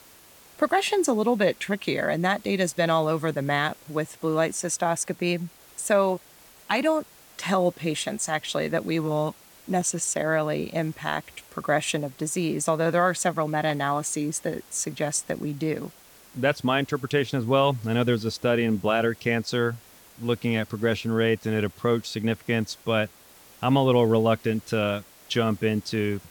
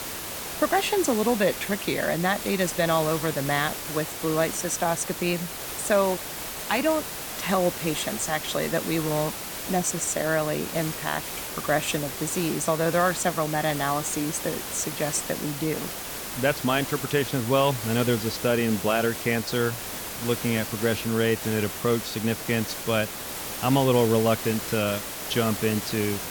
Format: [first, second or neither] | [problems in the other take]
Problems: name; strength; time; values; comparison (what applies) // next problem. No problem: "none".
first | hiss; loud; throughout; 6 dB below the speech; faint in the first